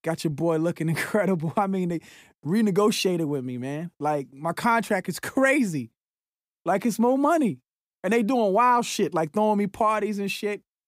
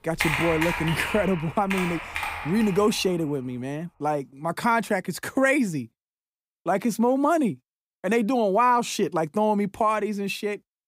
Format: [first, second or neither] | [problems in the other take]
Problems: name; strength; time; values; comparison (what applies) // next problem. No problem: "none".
first | household noises; loud; until 2.5 s; 5 dB below the speech